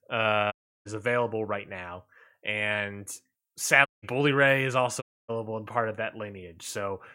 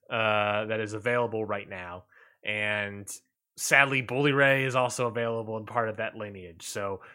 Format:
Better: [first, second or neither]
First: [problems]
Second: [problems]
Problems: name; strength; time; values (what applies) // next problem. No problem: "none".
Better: second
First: audio cutting out; at 0.5 s, at 4 s and at 5 s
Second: none